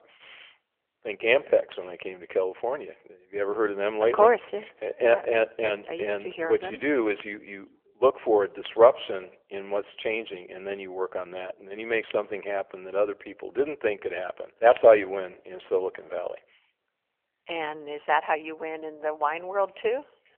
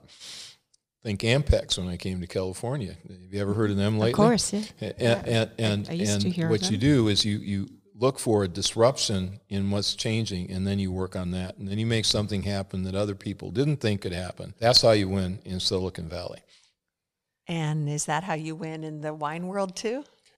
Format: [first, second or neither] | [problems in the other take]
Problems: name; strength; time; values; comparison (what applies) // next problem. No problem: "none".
second | phone-call audio